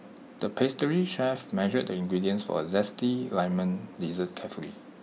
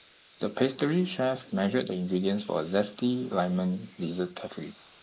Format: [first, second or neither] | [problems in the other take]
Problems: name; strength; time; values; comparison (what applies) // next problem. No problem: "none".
first | noise reduction (neural mask model Resemble Enhance denoiser)